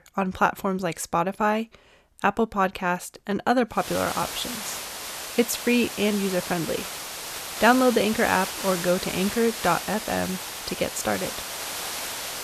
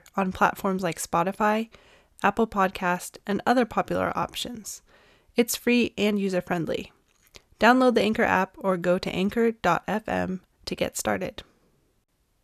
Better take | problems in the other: second | hiss; loud; from 4 s on; 7 dB below the speech

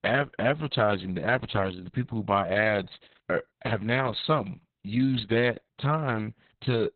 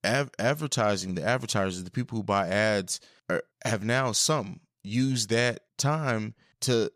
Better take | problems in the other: second | garbled, watery; badly; nothing above 4 kHz

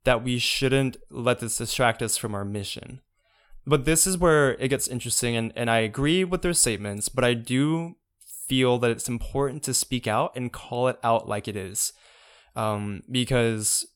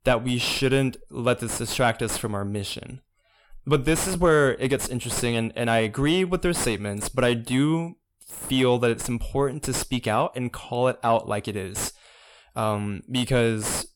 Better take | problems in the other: first | distortion; slight; 6 dB below the speech

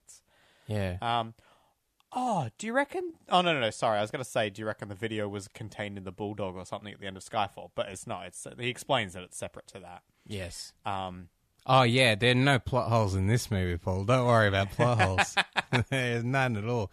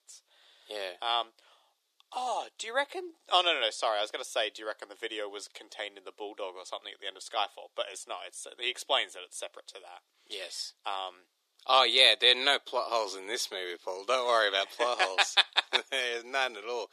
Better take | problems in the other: first | thin; very; fading below 350 Hz

